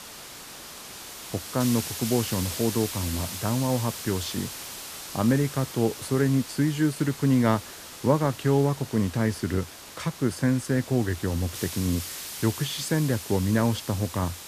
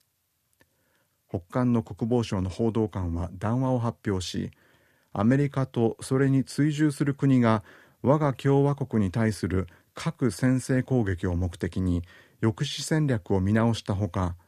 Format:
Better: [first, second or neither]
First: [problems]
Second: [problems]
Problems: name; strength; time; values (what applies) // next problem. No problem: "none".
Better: second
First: hiss; loud; throughout; 9 dB below the speech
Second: none